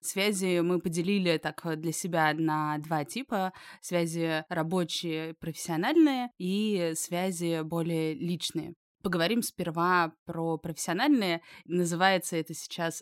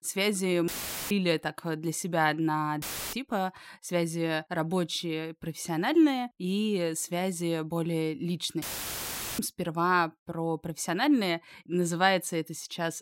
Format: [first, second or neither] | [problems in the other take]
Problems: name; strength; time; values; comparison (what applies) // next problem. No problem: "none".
first | audio cutting out; filled with static; at 0.5 s, at 3 s and at 8.5 s for 1 s